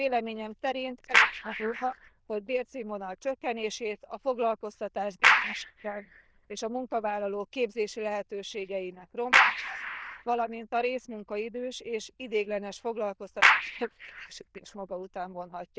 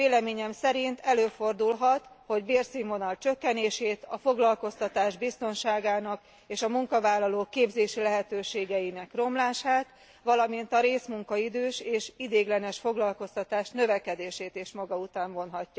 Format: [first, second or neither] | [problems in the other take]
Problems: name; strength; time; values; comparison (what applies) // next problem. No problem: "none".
second | noise reduction (neural diffusion model UNIVERSE++)